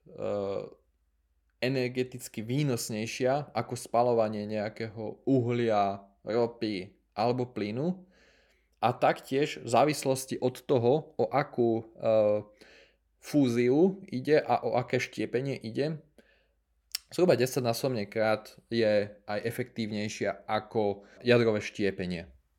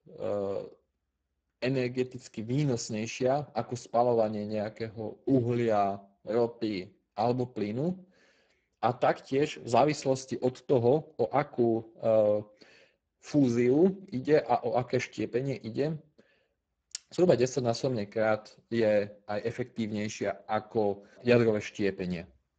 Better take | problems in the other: first | garbled, watery; badly; nothing above 7.5 kHz

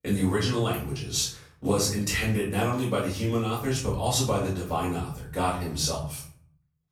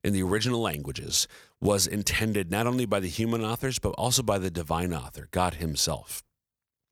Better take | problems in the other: second | off-mic speech; far // room echo; noticeable; dies away in 0.5 s

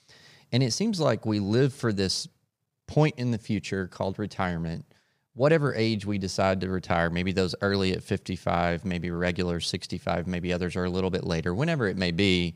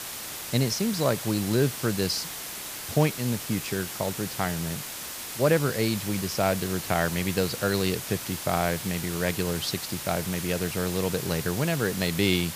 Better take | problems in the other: first | hiss; loud; throughout; 6 dB below the speech

